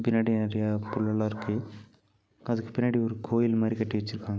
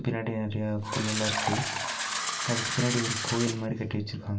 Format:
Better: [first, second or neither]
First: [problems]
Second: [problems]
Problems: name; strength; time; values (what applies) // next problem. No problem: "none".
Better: first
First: none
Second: background sound (Fill (with liquid)); 2 dB below the speech // room echo; dies away in 0.2 s